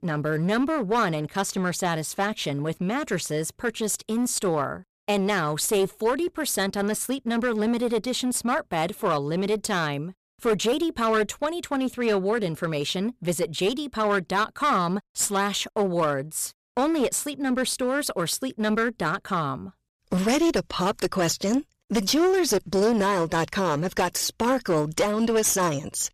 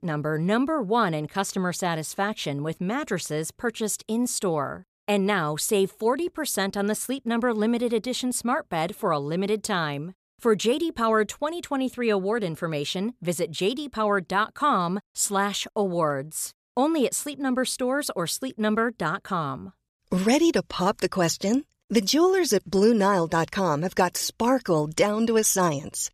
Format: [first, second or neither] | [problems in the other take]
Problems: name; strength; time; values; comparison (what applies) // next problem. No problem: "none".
second | distortion; slight; 10% of the sound clipped